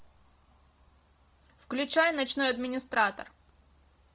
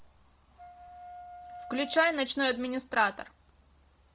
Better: first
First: none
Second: background sound (Wind instrument, woodwind instrument); 15 dB below the speech

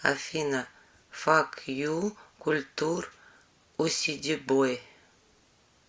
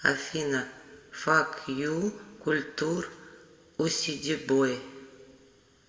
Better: first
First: none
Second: room echo; dies away in 1.2 s

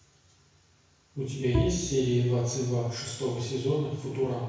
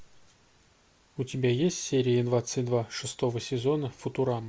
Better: second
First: background sound (Bowed string instrument); 7 dB below the speech // room echo; dies away in 1 s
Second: none

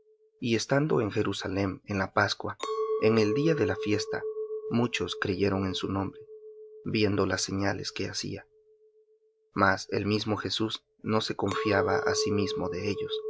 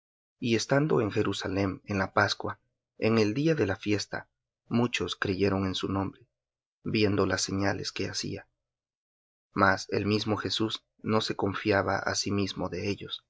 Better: second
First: background sound (Chink, clink); 7 dB below the speech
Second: none

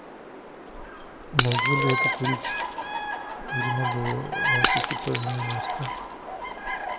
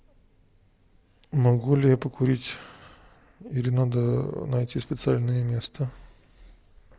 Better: second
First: background sound (Shatter / Crushing + Bird vocalization, bird call, bird song); 3 dB above the speech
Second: none

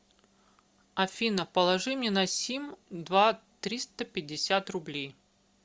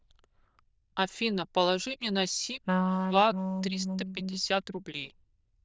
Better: first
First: none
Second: noise reduction (neural diffusion model UNIVERSE++)

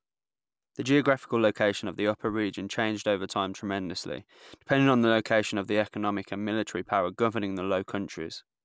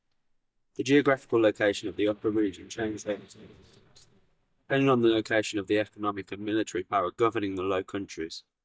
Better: first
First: none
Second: noise reduction (neural mask model DeepFilterNet 3)

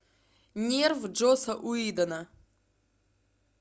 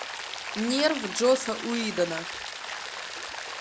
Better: first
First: none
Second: background sound (Rain); 7 dB below the speech

